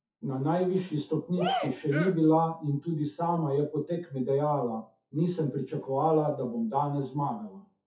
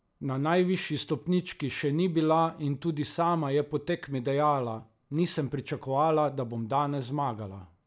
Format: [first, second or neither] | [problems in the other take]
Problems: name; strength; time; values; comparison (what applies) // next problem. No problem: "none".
second | noise reduction (classical method WPE with log-MMSE)